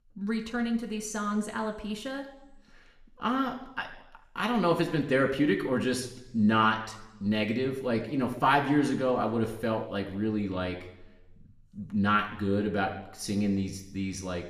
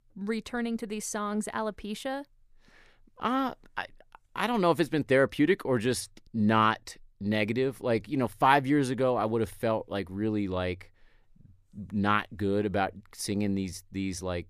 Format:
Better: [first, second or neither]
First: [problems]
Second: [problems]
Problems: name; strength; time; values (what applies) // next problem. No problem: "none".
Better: second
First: room echo; slight; dies away in 0.8 s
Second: none